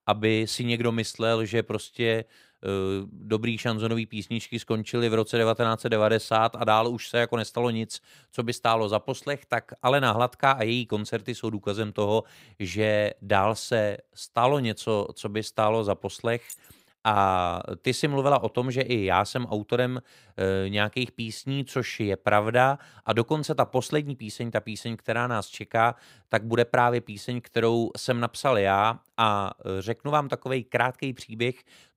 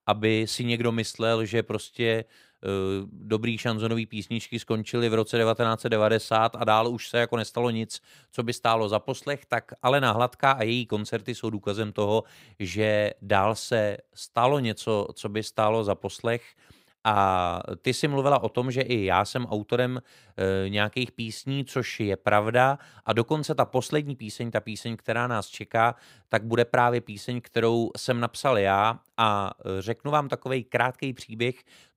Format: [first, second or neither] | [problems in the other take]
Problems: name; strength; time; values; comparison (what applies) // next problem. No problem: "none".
second | jangling keys; faint; at 16 s; peak 15 dB below the speech